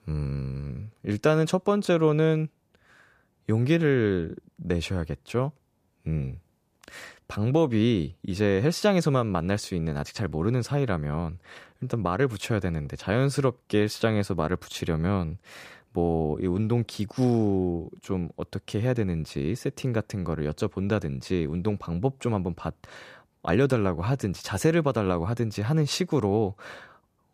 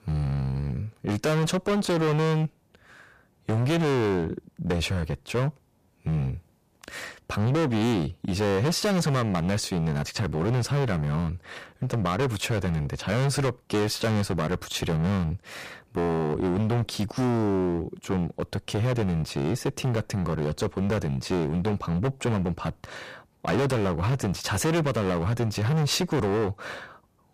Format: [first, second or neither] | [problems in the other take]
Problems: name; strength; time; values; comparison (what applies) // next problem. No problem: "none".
first | distortion; heavy; 19% of the sound clipped